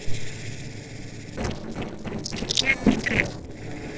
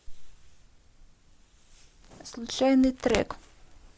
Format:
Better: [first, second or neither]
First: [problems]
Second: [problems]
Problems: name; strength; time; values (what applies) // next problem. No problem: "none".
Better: second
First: noise reduction (neural separator model SepFormer DNS4)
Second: none